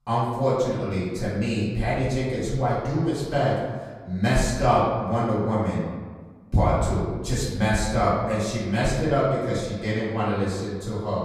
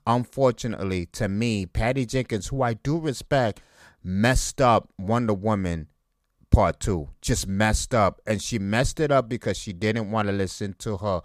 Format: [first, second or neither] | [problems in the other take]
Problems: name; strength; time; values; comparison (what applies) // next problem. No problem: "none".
second | room echo; noticeable; dies away in 1.2 s // off-mic speech; far